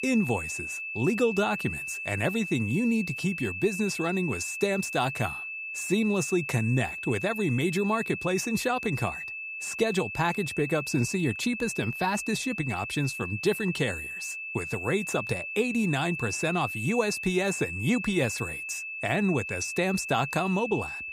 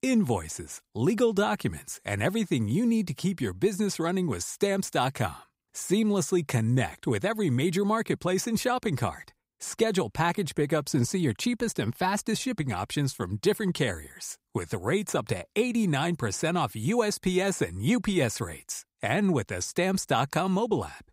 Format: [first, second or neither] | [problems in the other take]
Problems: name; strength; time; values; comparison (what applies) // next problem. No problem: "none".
second | high-pitched whine; loud; throughout; 2.5 kHz, 5 dB below the speech